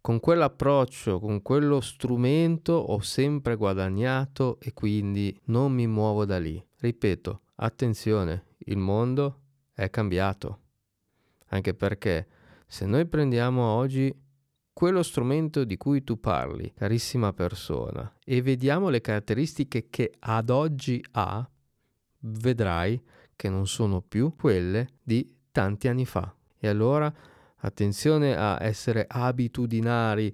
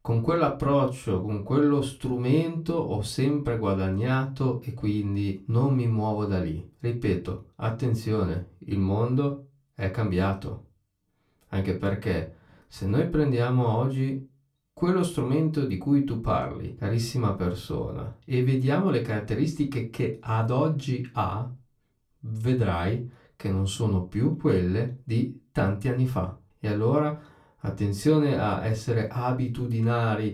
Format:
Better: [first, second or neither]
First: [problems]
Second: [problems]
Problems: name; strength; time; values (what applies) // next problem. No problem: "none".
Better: first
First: none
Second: off-mic speech; far // room echo; very slight; dies away in 0.2 s